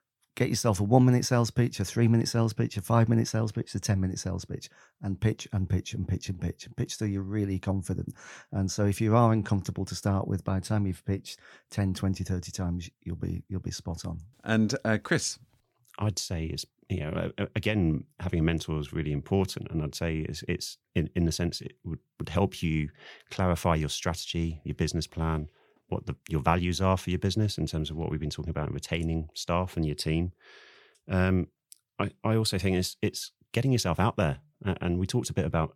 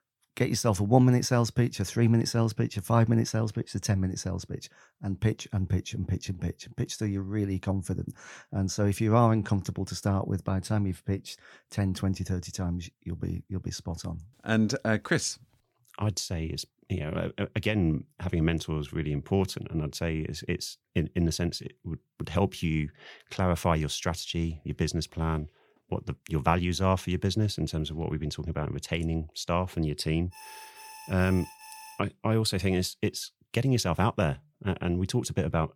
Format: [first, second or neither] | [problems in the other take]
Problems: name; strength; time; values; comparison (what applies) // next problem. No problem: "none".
first | alarm; faint; from 30 to 32 s; peak 15 dB below the speech